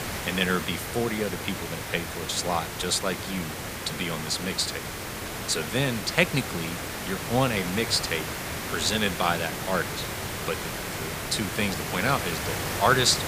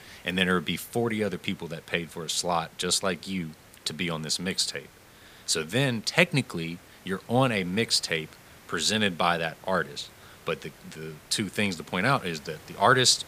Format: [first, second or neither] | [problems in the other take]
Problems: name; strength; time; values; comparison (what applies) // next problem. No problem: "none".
second | hiss; loud; throughout; 4 dB below the speech; faint in the second